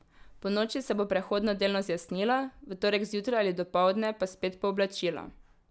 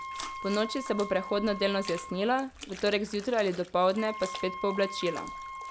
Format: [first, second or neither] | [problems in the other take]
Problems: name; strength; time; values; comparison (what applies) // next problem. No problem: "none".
first | background sound (Wind instrument, woodwind instrument + Trickle, dribble / Splash, splatter); 11 dB below the speech